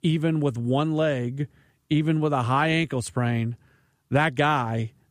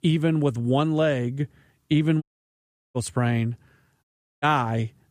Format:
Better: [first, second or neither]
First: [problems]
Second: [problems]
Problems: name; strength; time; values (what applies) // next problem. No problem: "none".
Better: first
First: none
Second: audio cutting out; at 2 s for 0.5 s and at 4 s